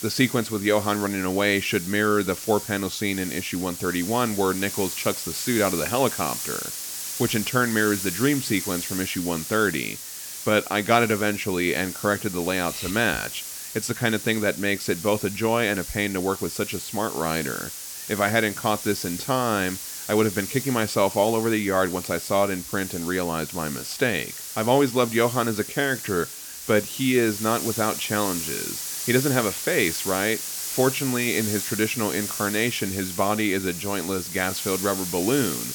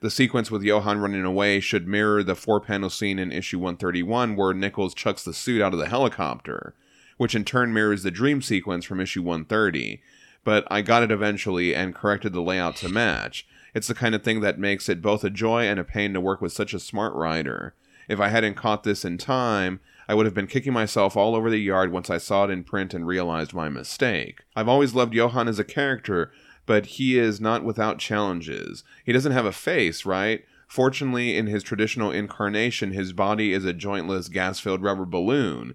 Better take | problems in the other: second | hiss; loud; throughout; 7 dB below the speech

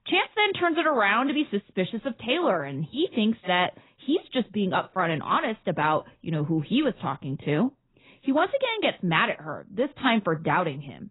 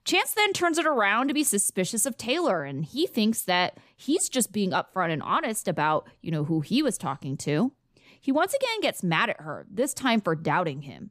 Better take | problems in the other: second | garbled, watery; badly; nothing above 4 kHz

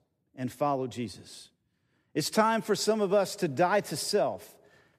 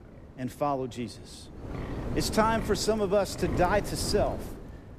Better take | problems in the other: first | wind noise on the microphone; occasional gusts; 15 dB below the speech

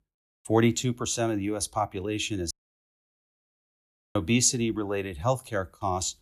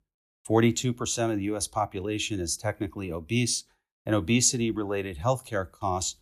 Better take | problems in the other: second | audio cutting out; at 2.5 s for 1.5 s

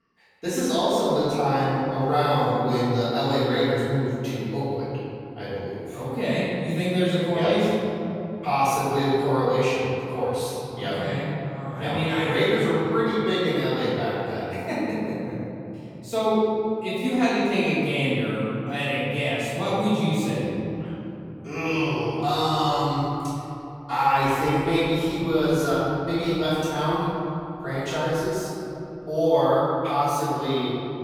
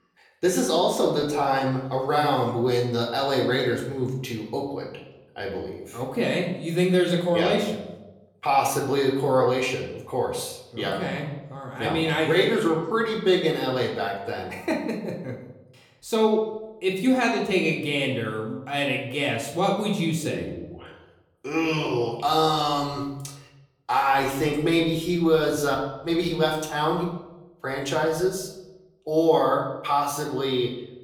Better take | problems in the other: second | room echo; strong; dies away in 3 s; slight in the second // off-mic speech; far; somewhat distant in the second

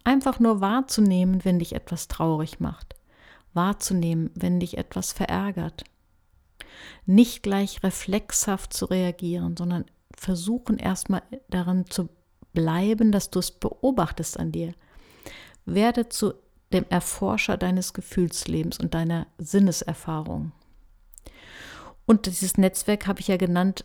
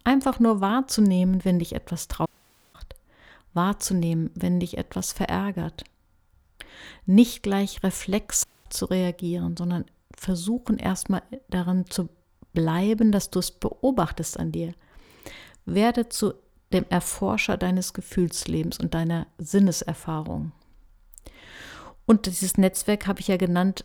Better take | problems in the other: first | audio cutting out; at 2.5 s and at 8.5 s

